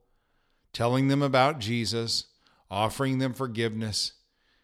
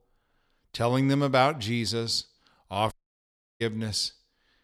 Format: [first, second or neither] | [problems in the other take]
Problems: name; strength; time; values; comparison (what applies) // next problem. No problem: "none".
first | audio cutting out; at 3 s for 0.5 s